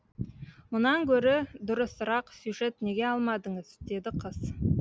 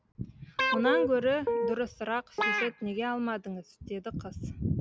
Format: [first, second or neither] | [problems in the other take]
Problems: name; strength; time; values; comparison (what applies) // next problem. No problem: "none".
first | background sound (Guitar); 2 dB above the speech